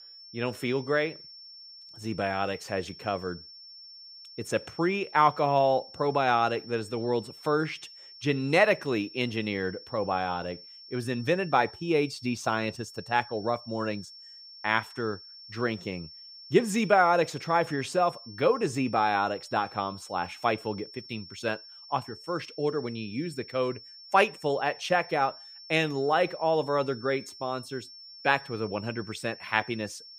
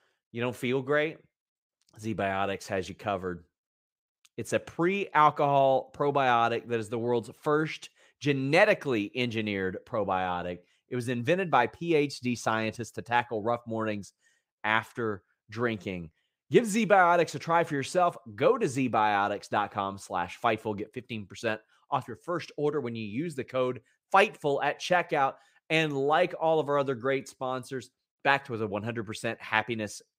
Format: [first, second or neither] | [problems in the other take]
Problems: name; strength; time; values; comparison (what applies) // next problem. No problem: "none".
second | high-pitched whine; noticeable; throughout; 5.5 kHz, 15 dB below the speech